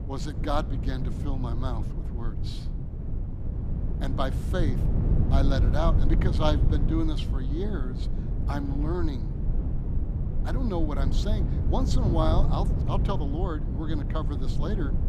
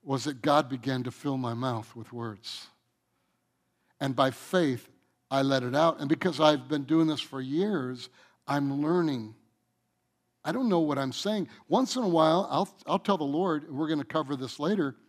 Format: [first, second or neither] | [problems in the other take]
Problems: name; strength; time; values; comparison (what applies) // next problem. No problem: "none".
second | low rumble; loud; throughout; 7 dB below the speech